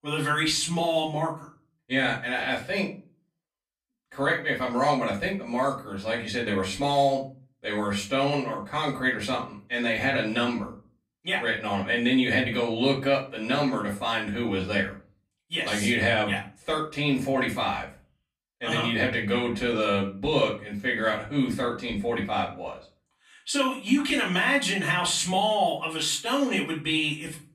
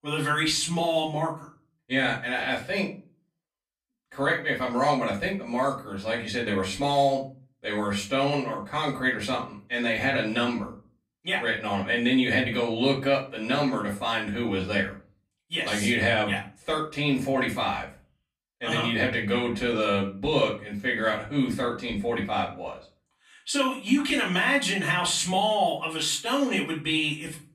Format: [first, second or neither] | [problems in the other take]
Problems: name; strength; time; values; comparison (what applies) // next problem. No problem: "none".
neither | off-mic speech; far; the same in both // room echo; slight; dies away in 0.3 s; the same in both